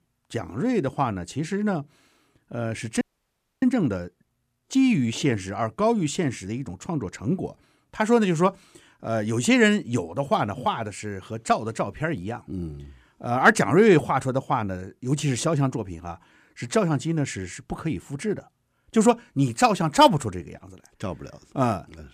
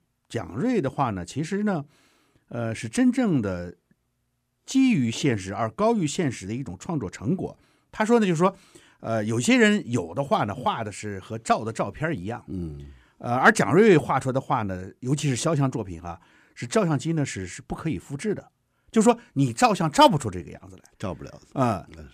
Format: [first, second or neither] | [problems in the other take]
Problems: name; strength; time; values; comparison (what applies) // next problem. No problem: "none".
second | audio freezing; at 3 s for 0.5 s